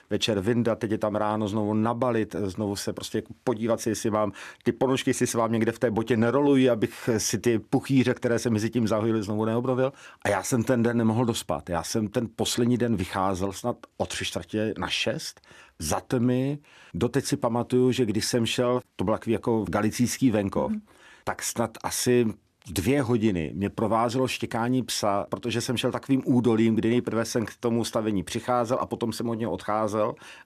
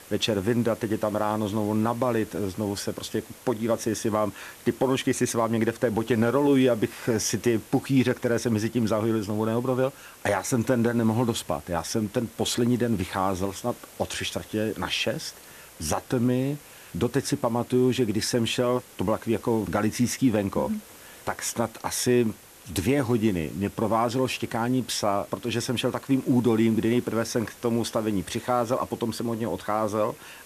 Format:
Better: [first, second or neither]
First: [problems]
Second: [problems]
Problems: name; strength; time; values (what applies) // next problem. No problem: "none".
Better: first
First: none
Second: hiss; faint; throughout; 20 dB below the speech